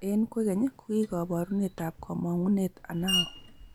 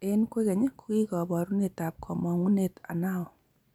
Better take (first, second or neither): second